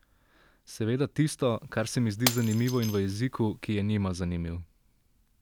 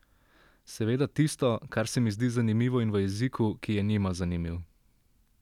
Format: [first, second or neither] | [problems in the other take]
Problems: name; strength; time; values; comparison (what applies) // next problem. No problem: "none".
second | background sound (Shatter); 10 dB below the speech